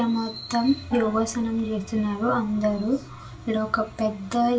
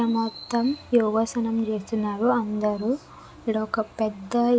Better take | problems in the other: second | background sound (Gong); 18 dB below the speech // room echo; dies away in 0.2 s

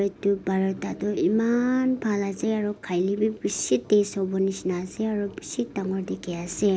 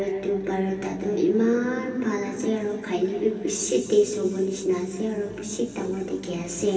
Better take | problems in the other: first | room echo; dies away in 2.5 s

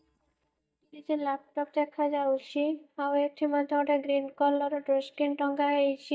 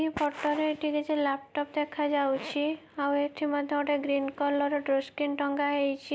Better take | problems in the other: second | noise reduction (neural mask model DeepFilterNet 3)

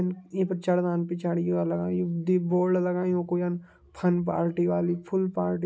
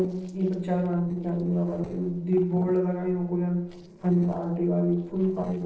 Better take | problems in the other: first | noise reduction (neural separator model SepFormer DNS4)

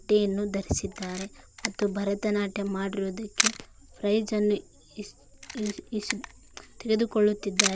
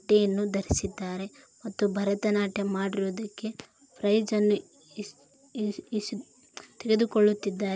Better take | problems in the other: second | background sound (Camera); 7 dB below the speech

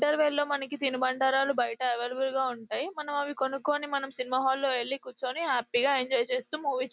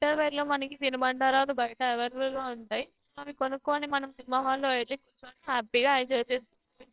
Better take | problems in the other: first | noise reduction (neural separator model SepFormer WHAMR!)

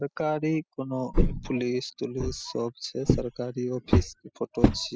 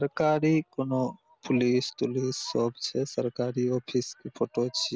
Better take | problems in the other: second | noise reduction (classical method spectral subtraction)

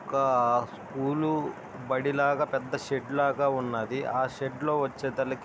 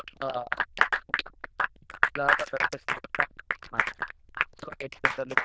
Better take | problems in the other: first | noise reduction (neural diffusion model UNIVERSE++)

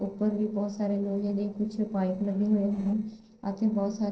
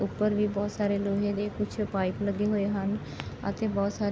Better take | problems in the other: second | noise reduction (neural separator model SepFormer DNS4)

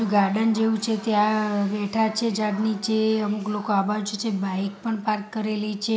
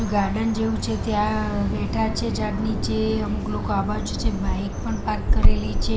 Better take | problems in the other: first | background sound (Bird vocalization, bird call, bird song); 3 dB above the speech

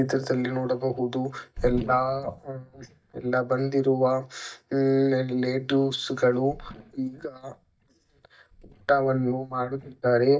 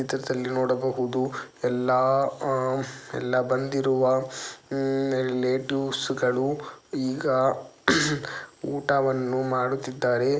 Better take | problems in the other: second | noise reduction (neural mask model DeepFilterNet 3)

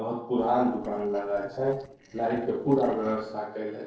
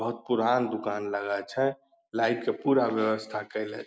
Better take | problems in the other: second | noise reduction (neural separator model SepFormer DNS4)

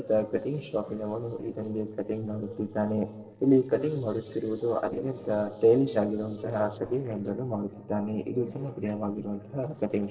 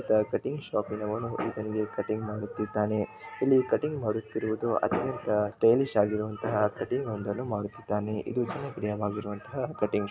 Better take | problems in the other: second | noise reduction (neural separator model SepFormer DNS4)

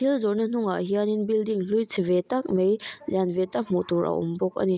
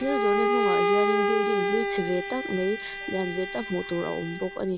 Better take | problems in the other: first | background sound (Bowed string instrument); 2 dB above the speech

